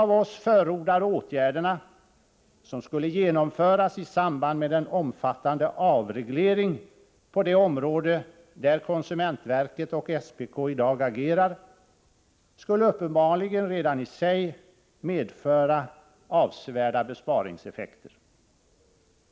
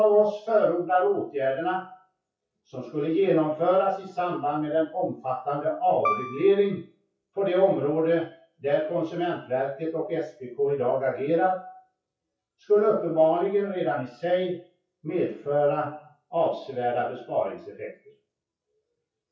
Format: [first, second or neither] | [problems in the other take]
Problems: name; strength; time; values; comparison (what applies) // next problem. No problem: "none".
first | noise reduction (classical method WPE with log-MMSE)